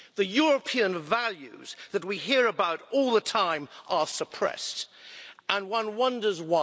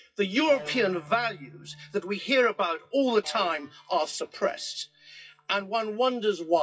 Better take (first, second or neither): first